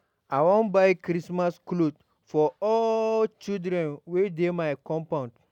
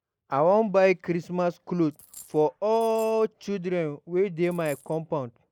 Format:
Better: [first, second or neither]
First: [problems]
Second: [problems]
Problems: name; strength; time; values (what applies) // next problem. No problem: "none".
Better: first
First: none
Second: noise reduction (neural mask model Resemble Enhance denoiser)